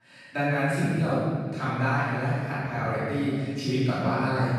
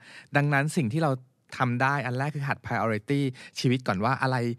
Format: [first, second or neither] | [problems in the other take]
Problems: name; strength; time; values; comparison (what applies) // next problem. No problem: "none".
second | room echo; strong; dies away in 1.9 s // off-mic speech; far